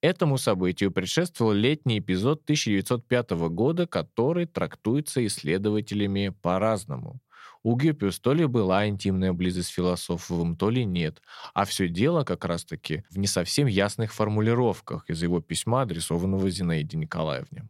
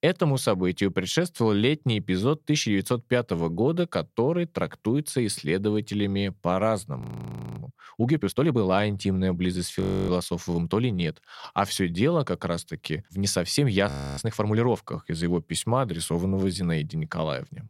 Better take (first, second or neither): first